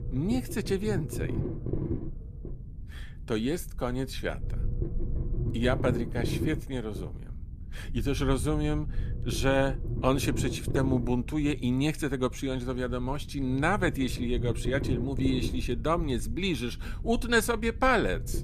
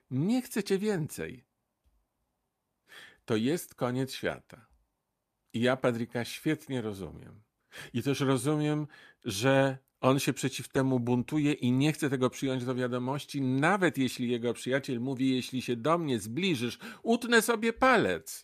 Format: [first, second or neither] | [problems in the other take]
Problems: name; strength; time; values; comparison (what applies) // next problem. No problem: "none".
second | low rumble; noticeable; throughout; 10 dB below the speech